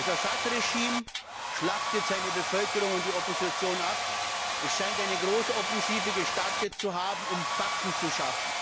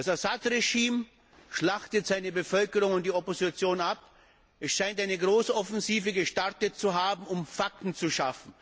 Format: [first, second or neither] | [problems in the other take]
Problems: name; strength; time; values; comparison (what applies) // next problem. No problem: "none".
second | background sound (Domestic sounds, home sounds); 2 dB above the speech